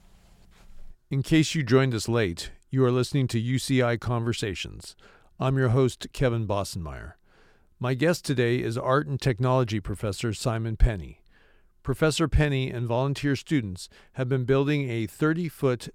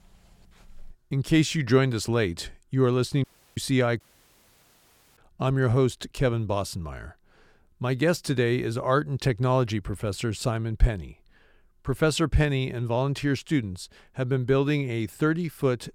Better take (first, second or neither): first